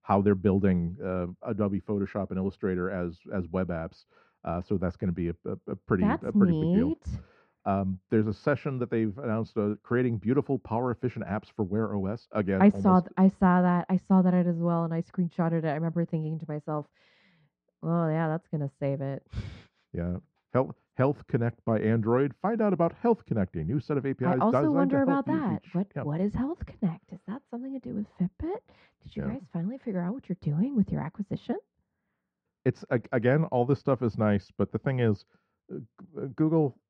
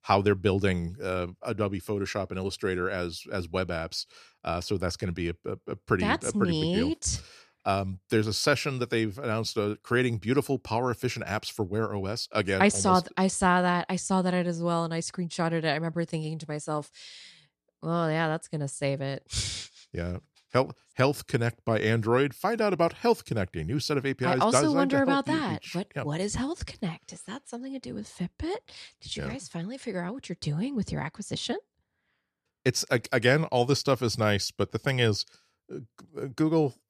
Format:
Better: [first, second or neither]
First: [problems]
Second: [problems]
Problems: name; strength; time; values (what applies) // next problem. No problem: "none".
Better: second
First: muffled; very; fading above 1.5 kHz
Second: none